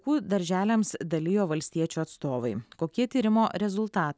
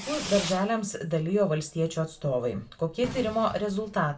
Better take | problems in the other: first | background sound (Fireworks); 14 dB below the speech // room echo; dies away in 0.2 s

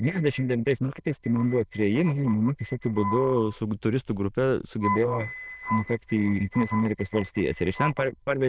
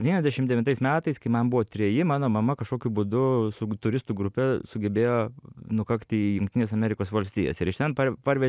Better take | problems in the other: second | noise reduction (neural diffusion model UNIVERSE++)

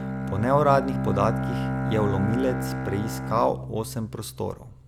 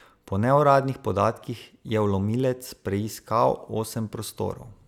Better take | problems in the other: second | background sound (Bowed string instrument); 3 dB below the speech

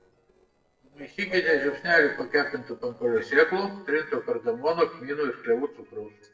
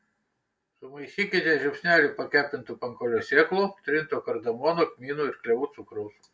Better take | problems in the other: second | noise reduction (neural separator model SepFormer DNS4)

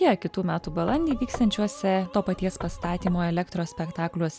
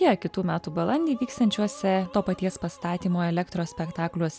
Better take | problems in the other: second | background sound (Knock / Wood); 13 dB below the speech

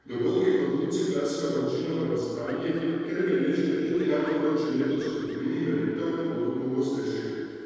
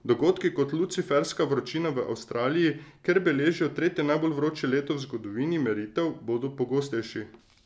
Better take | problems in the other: second | noise reduction (neural separator model SepFormer DNS4)

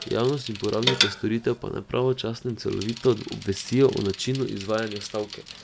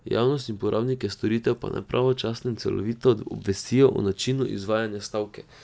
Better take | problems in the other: second | background sound (Bicycle); 8 dB below the speech

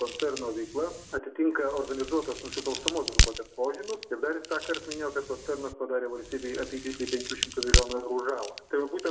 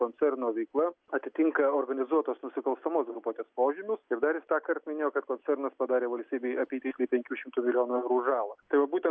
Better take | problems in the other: second | background sound (Crack); 1 dB below the speech // room echo; dies away in 0.6 s

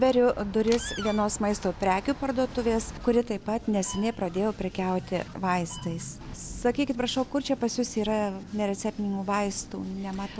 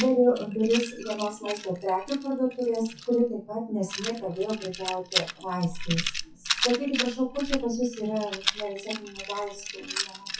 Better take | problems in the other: first | noise reduction (classical method WPE with log-MMSE)

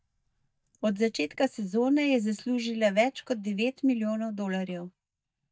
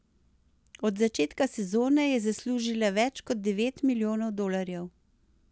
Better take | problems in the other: second | noise reduction (neural mask model DeepFilterNet 3)

